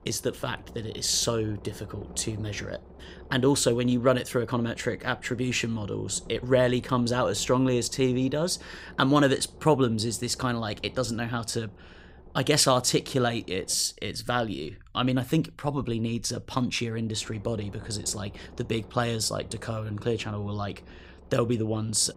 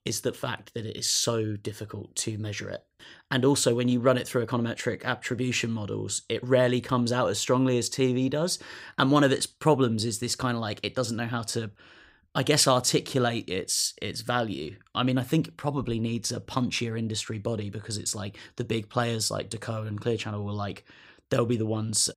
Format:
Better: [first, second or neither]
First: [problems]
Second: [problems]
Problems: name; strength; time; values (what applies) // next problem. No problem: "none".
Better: second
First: low rumble; faint; throughout; 25 dB below the speech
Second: none